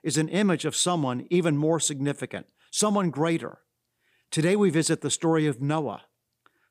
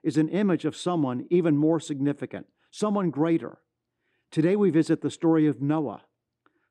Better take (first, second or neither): first